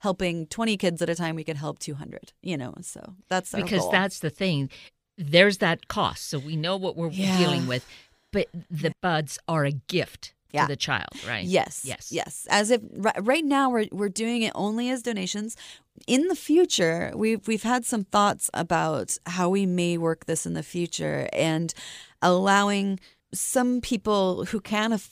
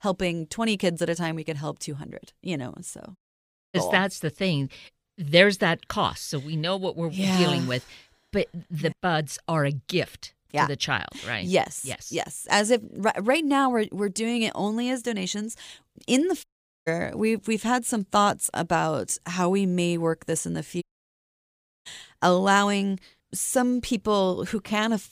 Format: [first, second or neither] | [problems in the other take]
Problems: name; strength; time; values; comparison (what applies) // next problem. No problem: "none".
first | audio cutting out; at 3 s for 0.5 s, at 16 s and at 21 s for 1 s